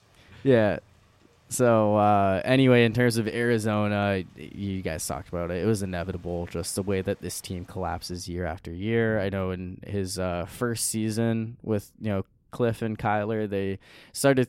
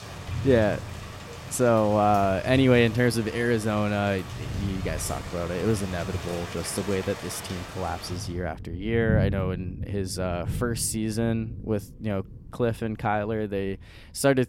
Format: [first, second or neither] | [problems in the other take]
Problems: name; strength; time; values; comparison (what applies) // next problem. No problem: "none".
first | rain or running water; loud; throughout; 9 dB below the speech; faint in the first